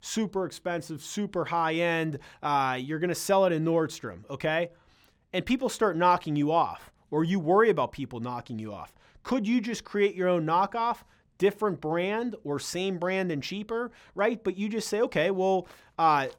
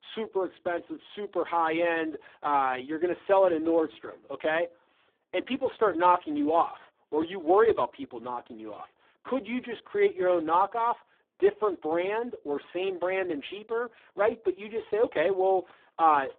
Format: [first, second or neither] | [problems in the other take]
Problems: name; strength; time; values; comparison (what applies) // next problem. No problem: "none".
first | phone-call audio; poor line